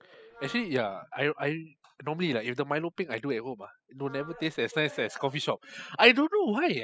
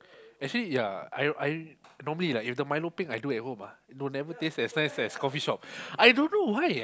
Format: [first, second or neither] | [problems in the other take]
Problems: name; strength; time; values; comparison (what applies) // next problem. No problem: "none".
second | noise reduction (classical method spectral subtraction)